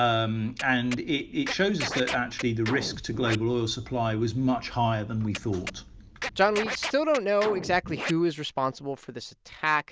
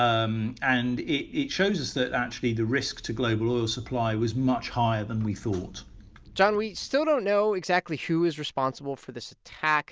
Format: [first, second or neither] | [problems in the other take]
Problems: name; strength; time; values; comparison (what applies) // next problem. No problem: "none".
second | background sound (Scratching (performance technique)); 11 dB below the speech